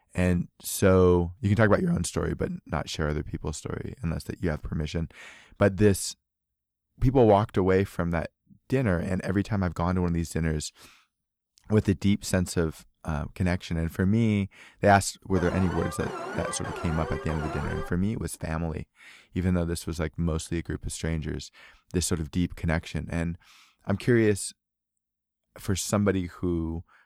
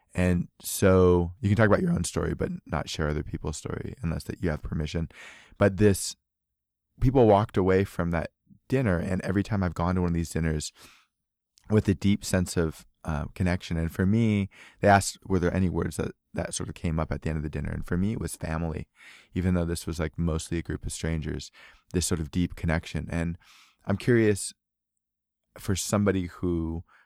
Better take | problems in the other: second | alarm; noticeable; from 15 to 18 s; peak 7 dB below the speech

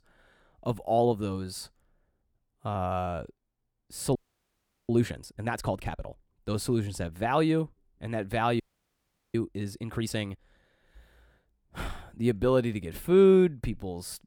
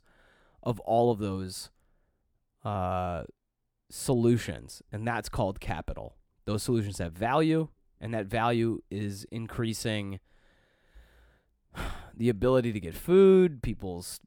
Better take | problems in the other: second | audio freezing; at 4 s for 0.5 s and at 8.5 s for 0.5 s

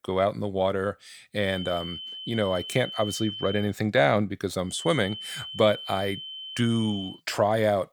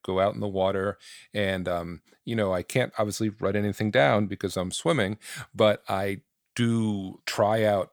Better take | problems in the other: second | high-pitched whine; loud; from 1.5 to 3.5 s and from 4.5 to 7 s; 3 kHz, 9 dB below the speech

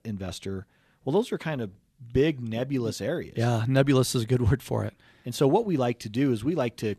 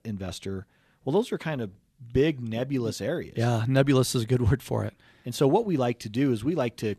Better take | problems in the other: neither | none

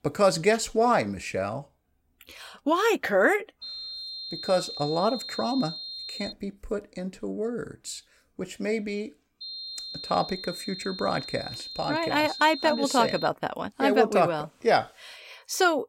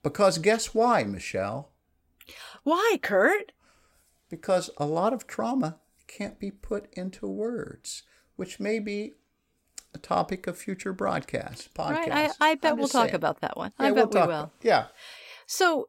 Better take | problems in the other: second | high-pitched whine; loud; from 3.5 to 6.5 s and from 9.5 to 13 s; 4 kHz, 9 dB below the speech

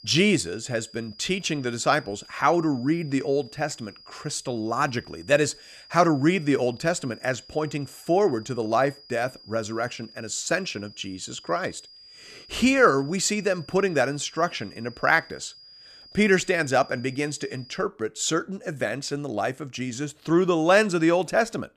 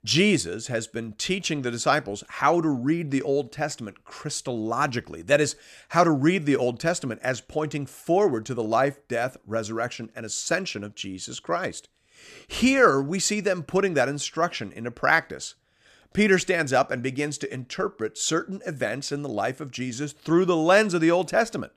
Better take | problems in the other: second | high-pitched whine; faint; until 18 s; 5 kHz, 20 dB below the speech

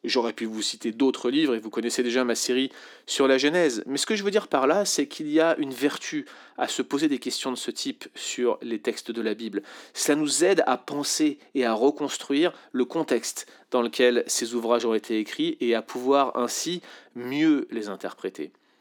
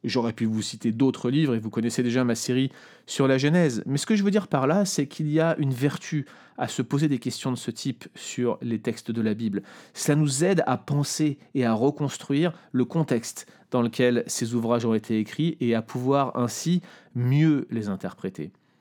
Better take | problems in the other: second | thin; very slightly; fading below 300 Hz

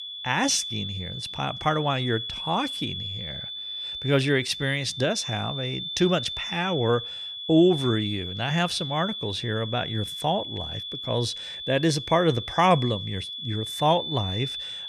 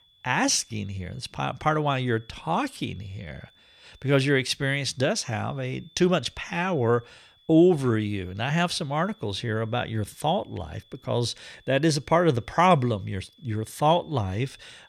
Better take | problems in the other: second | high-pitched whine; loud; throughout; 3.5 kHz, 6 dB below the speech; faint in the second

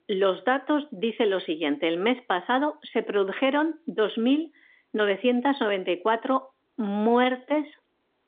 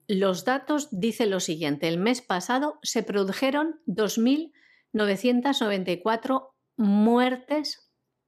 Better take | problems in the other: second | phone-call audio

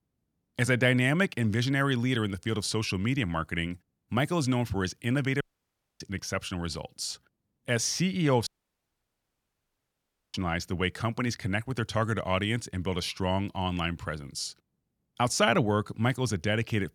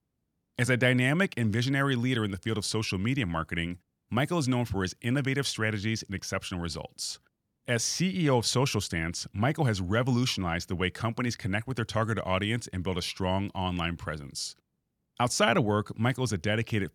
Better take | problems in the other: second | audio cutting out; at 5.5 s for 0.5 s and at 8.5 s for 2 s

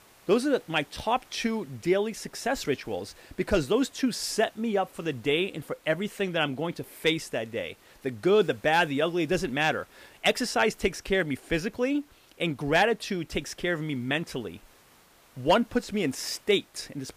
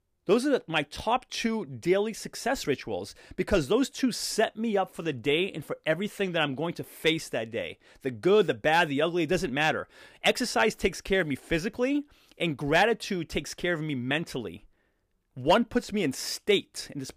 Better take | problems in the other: second | hiss; faint; throughout; 30 dB below the speech

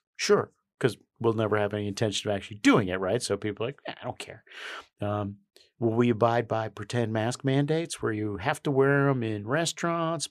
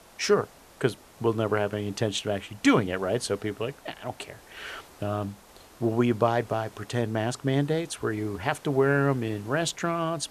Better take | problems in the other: first | hiss; faint; throughout; 25 dB below the speech

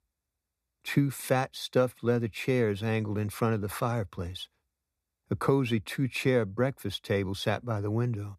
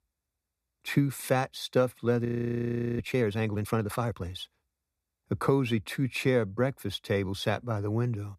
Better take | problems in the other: first | audio freezing; at 2.5 s for 0.5 s

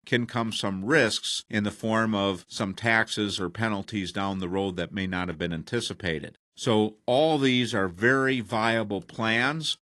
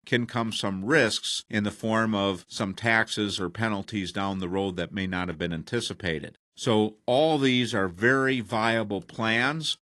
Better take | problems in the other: neither | garbled, watery; slightly; the same in both

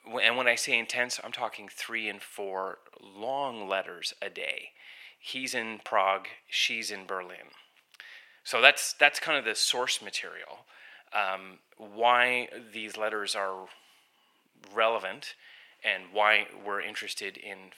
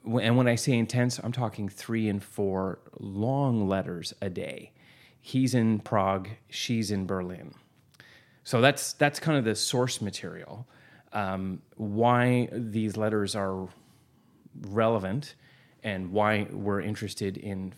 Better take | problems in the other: second | thin; very; fading below 750 Hz

